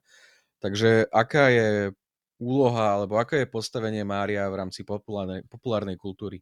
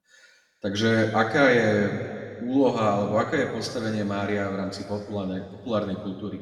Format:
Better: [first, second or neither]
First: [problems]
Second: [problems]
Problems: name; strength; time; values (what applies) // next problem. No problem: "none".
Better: first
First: none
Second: room echo; noticeable; dies away in 1.8 s // off-mic speech; somewhat distant